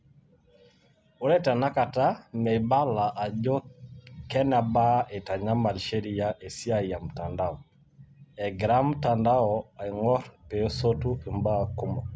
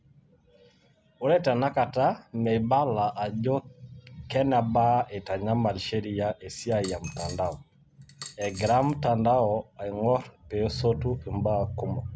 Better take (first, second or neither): first